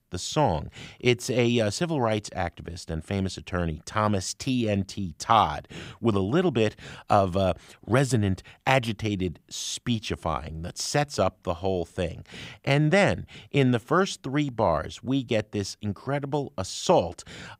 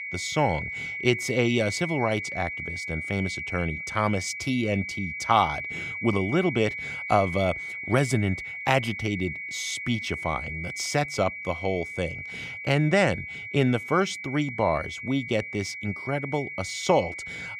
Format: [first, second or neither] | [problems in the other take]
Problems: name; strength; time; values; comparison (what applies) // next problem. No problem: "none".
first | high-pitched whine; loud; throughout; 2 kHz, 6 dB below the speech